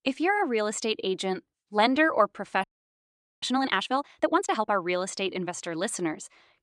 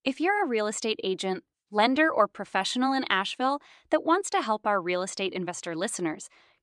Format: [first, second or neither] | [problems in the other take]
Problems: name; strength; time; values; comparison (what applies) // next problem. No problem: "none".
second | audio freezing; at 2.5 s for 1 s